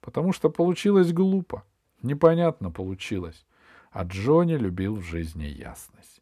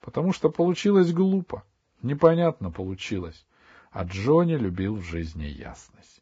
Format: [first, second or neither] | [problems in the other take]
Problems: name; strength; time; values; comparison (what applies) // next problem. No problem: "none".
first | garbled, watery; badly; nothing above 7.5 kHz